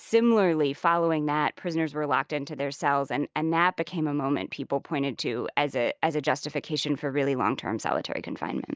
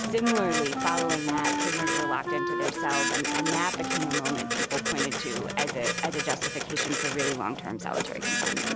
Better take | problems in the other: first | background sound (Printer + Wind instrument, woodwind instrument); 2 dB above the speech

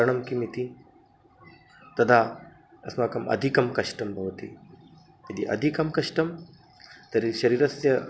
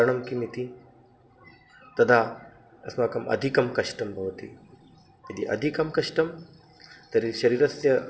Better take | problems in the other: first | room echo; dies away in 1 s

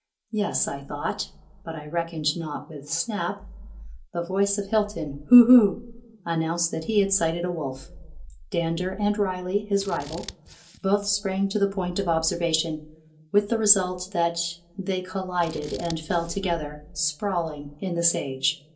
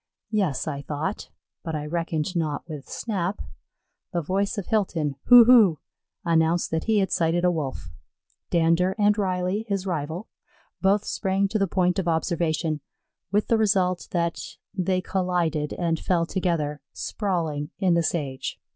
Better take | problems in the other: second | background sound (Scissors); 18 dB below the speech // room echo; dies away in 0.3 s

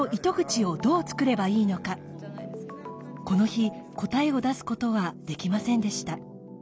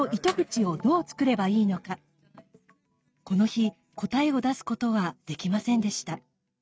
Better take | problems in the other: first | noise reduction (neural mask model RNNoise)

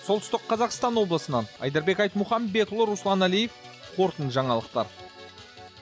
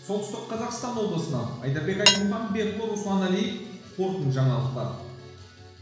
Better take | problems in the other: first | background sound (Cutlery, silverware / Dishes, pots, and pans); 2 dB below the speech // room echo; dies away in 1.1 s

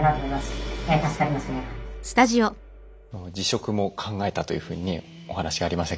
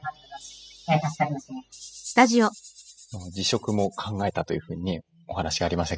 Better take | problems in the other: first | noise reduction (classical method spectral subtraction)

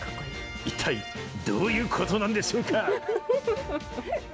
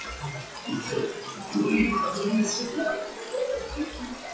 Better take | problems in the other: first | noise reduction (classical method WPE with log-MMSE)

